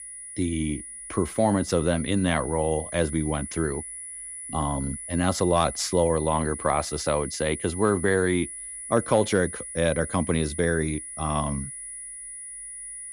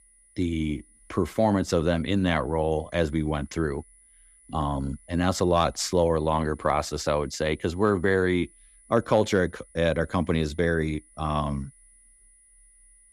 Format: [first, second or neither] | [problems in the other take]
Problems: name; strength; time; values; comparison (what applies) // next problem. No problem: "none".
second | high-pitched whine; loud; throughout; 10 kHz, 9 dB below the speech; faint in the second